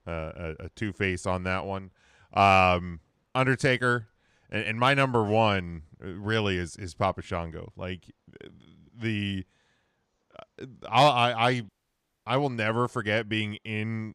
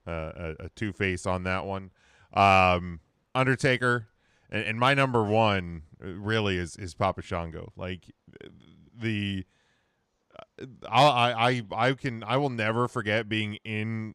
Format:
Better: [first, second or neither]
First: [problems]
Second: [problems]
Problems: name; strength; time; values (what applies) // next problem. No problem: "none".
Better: second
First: audio cutting out; at 12 s for 0.5 s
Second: none